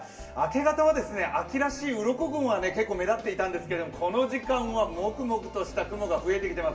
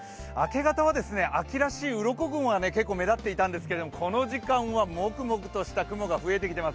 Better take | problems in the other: second | room echo; dies away in 0.8 s

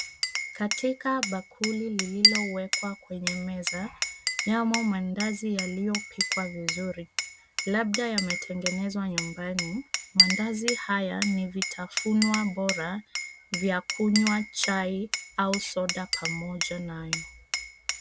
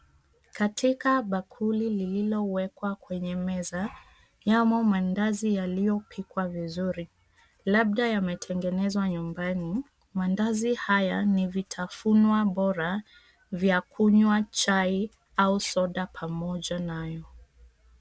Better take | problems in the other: second | background sound (Glass); 2 dB below the speech

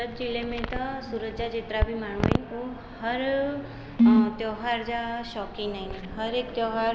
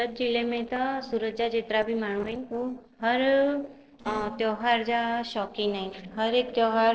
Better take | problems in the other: first | noise reduction (neural separator model SepFormer DNS4)

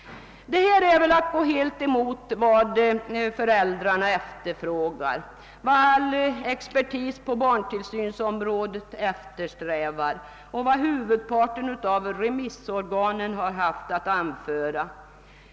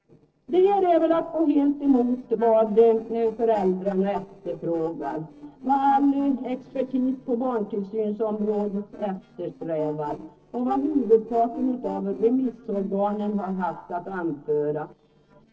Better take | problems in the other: first | noise reduction (neural separator model SepFormer DNS4)

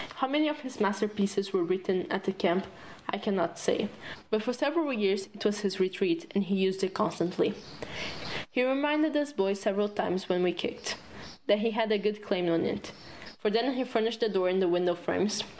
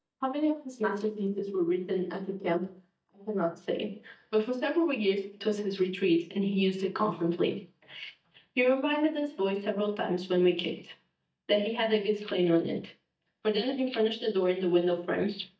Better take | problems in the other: first | noise reduction (neural mask model DeepFilterNet 3)

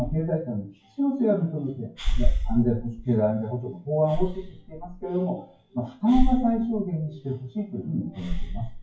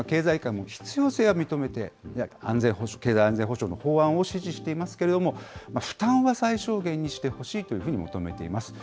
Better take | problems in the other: second | noise reduction (classical method WPE with log-MMSE)

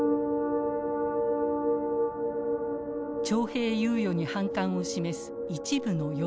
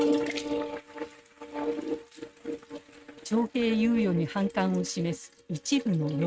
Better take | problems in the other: first | noise reduction (neural mask model RNNoise)

